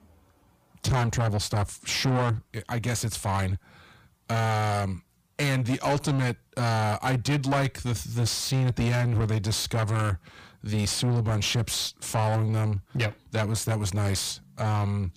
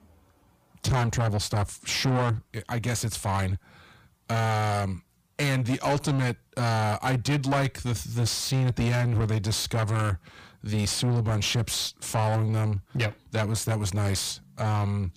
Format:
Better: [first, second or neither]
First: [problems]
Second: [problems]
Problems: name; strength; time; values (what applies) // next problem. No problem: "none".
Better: neither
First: distortion; heavy; 6 dB below the speech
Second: distortion; heavy; 6 dB below the speech